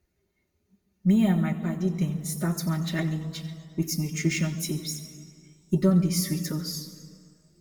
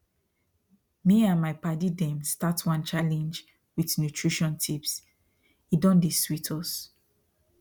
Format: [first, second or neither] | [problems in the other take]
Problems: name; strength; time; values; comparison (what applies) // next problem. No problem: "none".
second | room echo; dies away in 1.6 s